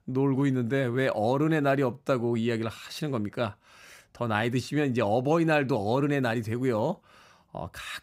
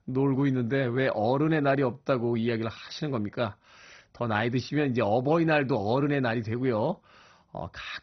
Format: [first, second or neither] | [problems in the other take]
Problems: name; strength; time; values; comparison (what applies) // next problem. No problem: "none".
first | garbled, watery; badly; nothing above 6 kHz